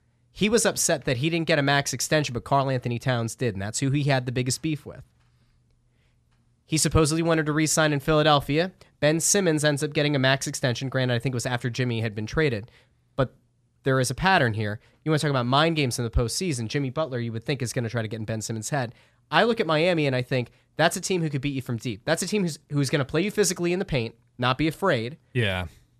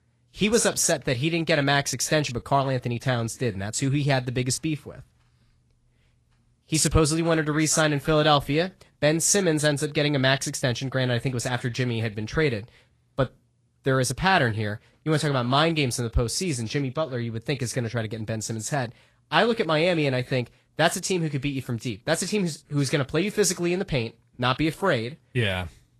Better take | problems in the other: first | garbled, watery; slightly; nothing above 12.5 kHz

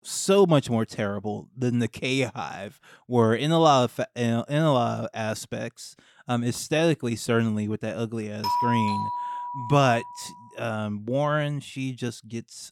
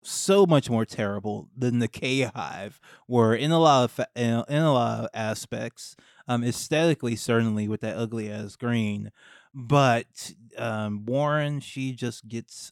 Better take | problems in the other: second | doorbell; loud; from 8.5 to 10 s; peak level with the speech

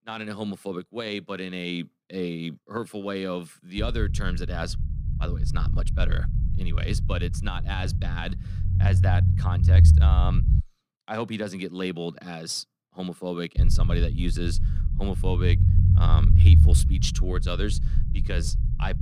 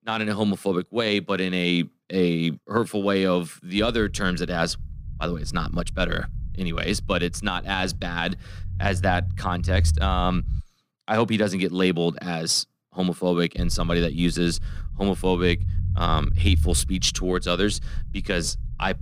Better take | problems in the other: second | low rumble; loud; from 4 to 11 s and from 14 s on; 5 dB below the speech; faint in the second

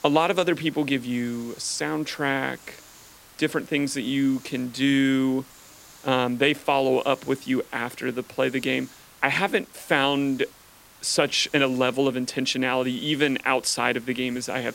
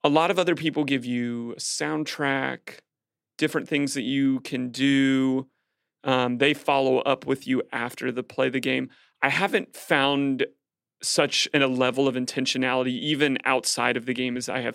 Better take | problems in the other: second | hiss; faint; throughout; 25 dB below the speech

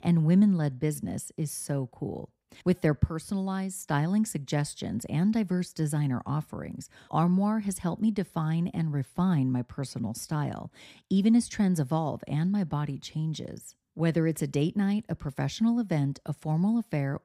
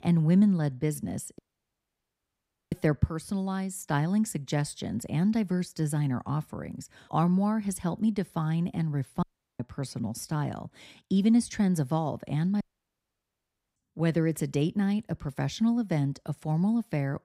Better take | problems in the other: first | audio cutting out; at 1.5 s for 1.5 s, at 9 s and at 13 s for 1 s

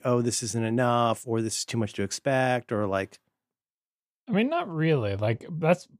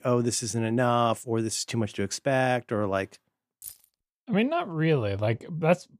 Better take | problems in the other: first | jangling keys; faint; at 3.5 s; peak 15 dB below the speech

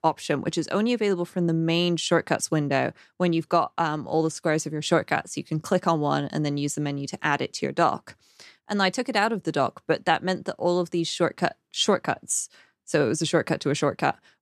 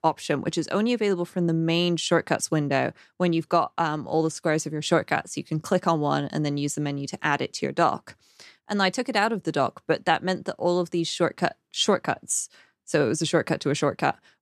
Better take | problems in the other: neither | none

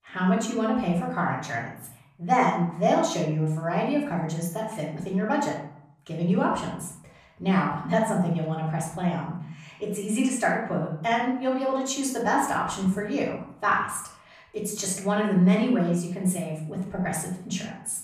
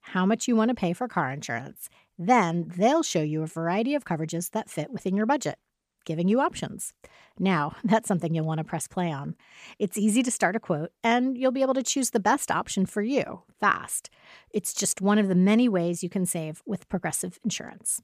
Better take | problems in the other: second | off-mic speech; far // room echo; noticeable; dies away in 0.6 s

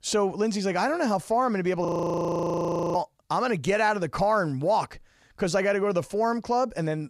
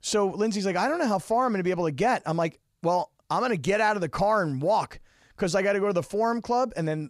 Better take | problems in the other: second | audio freezing; at 2 s for 1 s

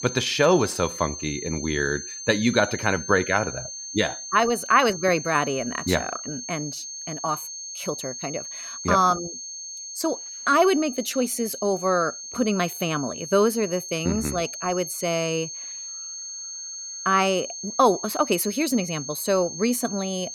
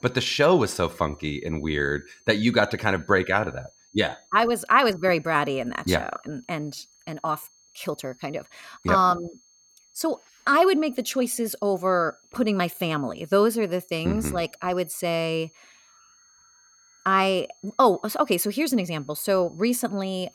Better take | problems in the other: second | high-pitched whine; loud; throughout; 6.5 kHz, 9 dB below the speech; faint in the second

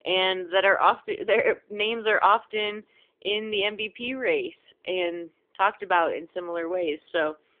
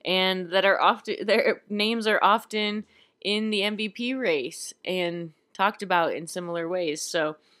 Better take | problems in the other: second | phone-call audio; nothing above 3.5 kHz

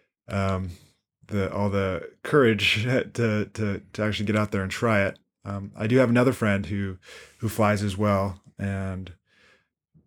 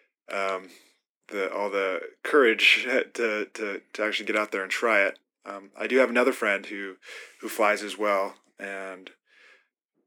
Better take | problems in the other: first | thin; somewhat; fading below 300 Hz

